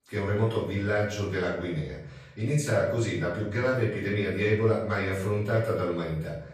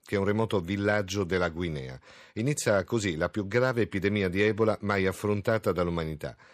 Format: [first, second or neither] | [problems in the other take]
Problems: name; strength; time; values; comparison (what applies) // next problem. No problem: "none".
second | off-mic speech; far // room echo; noticeable; dies away in 0.6 s